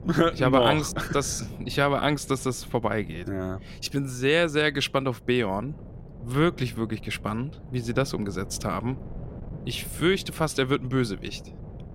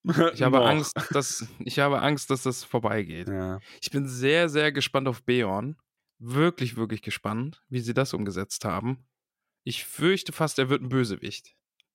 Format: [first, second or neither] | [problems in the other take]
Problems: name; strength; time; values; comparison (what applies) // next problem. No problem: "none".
second | wind noise on the microphone; occasional gusts; 20 dB below the speech